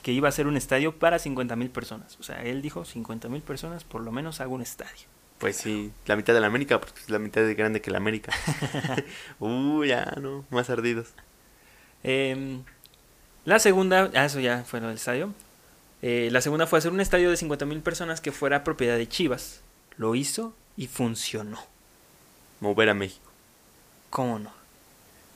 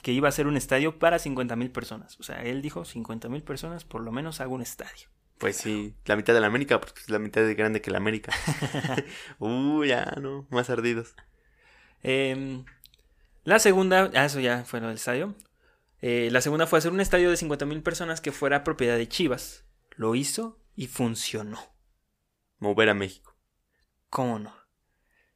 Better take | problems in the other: second | hiss; faint; throughout; 30 dB below the speech

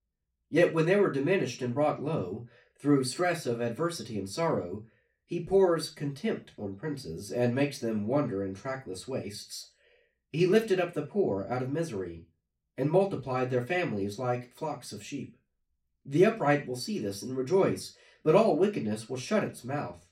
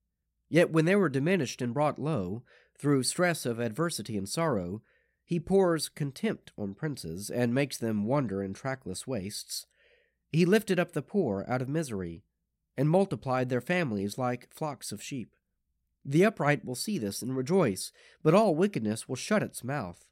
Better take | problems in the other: second | room echo; very slight; dies away in 0.3 s // off-mic speech; far

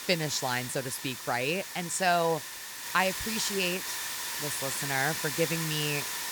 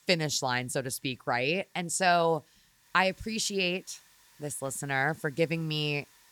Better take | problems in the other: second | hiss; loud; throughout; 3 dB below the speech; faint in the second

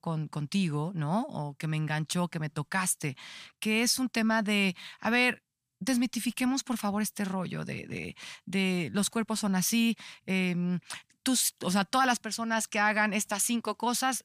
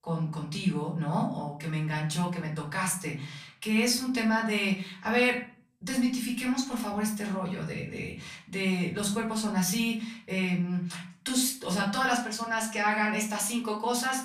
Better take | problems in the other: first | off-mic speech; far // room echo; slight; dies away in 0.4 s

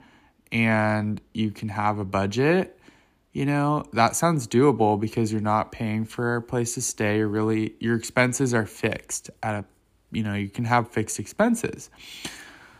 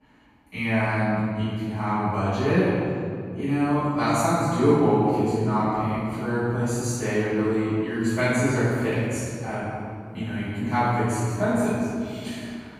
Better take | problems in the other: first | off-mic speech; far // room echo; strong; dies away in 2.6 s

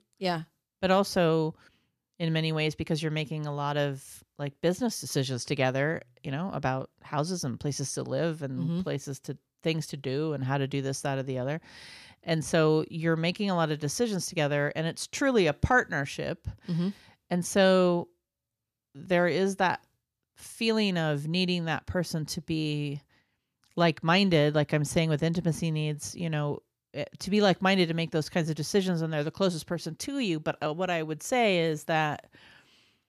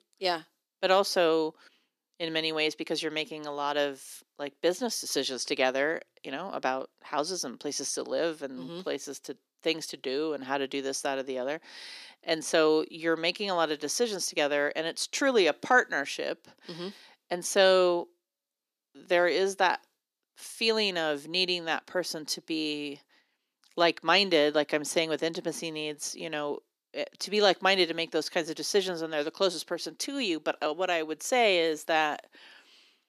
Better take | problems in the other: first | thin; somewhat; fading below 300 Hz

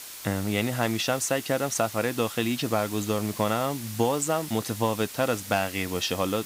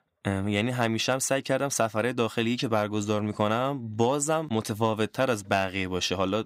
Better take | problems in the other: second | hiss; noticeable; throughout; 10 dB below the speech

